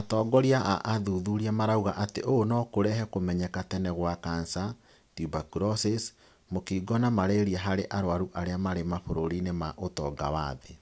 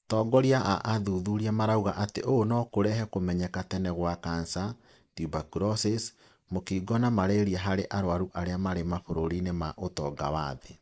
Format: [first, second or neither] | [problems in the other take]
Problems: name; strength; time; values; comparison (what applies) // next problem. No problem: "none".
first | noise reduction (neural mask model Resemble Enhance denoiser)